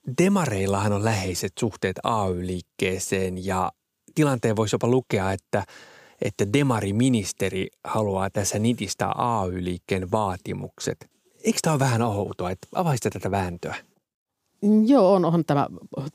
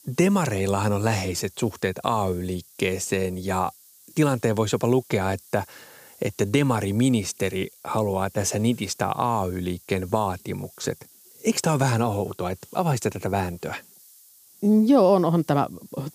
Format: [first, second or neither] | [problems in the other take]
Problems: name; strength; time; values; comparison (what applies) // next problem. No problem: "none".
first | hiss; faint; throughout; 25 dB below the speech